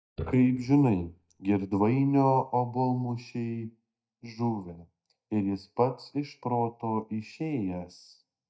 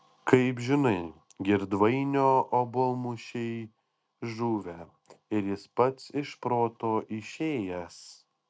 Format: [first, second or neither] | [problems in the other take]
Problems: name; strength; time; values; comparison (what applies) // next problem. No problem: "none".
second | noise reduction (neural mask model DeepFilterNet 3)